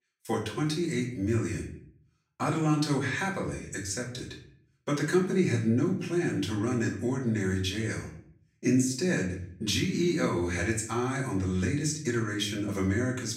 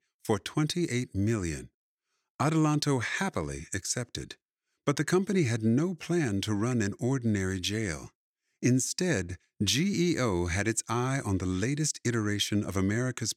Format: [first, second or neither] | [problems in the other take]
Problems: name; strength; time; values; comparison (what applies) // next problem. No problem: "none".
second | off-mic speech; far // room echo; slight; dies away in 0.5 s